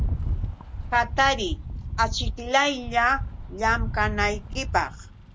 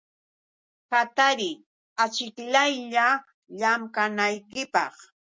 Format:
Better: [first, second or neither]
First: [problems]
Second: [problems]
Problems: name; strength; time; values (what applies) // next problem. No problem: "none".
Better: second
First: background sound (Rattle); 4 dB below the speech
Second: none